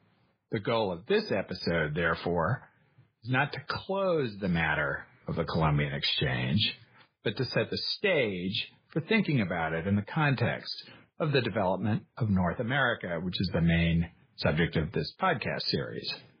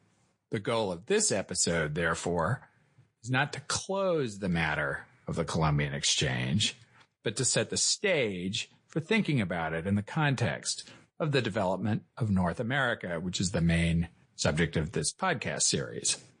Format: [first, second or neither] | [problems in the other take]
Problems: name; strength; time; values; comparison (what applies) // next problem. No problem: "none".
second | garbled, watery; badly; nothing above 5 kHz; slightly in the second